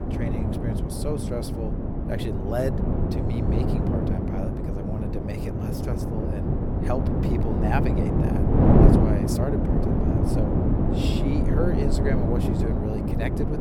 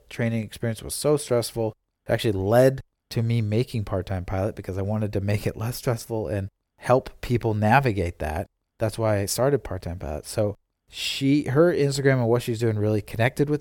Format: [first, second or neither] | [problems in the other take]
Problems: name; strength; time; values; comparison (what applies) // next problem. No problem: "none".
second | wind noise on the microphone; heavy; 4 dB above the speech